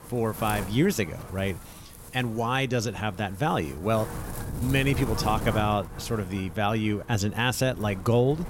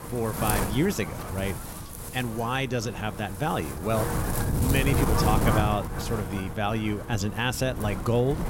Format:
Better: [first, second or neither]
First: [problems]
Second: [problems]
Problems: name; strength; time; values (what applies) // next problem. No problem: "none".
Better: first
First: wind noise on the microphone; occasional gusts; 15 dB below the speech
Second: wind noise on the microphone; heavy; 4 dB below the speech